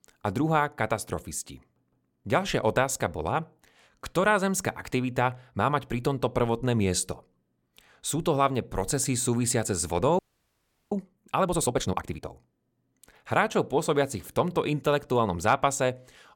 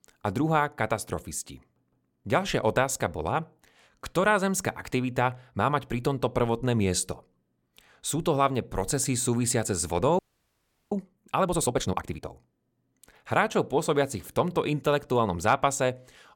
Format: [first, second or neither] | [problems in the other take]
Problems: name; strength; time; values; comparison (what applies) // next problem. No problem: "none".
neither | audio freezing; at 10 s for 0.5 s; the same in both